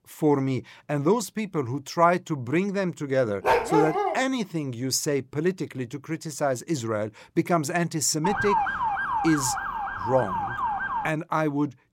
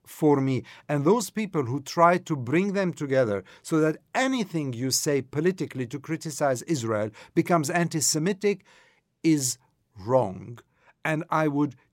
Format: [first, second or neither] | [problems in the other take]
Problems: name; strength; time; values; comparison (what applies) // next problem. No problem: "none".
second | dog barking; loud; at 3.5 s; peak 4 dB above the speech // siren; loud; from 8 to 11 s; peak 2 dB above the speech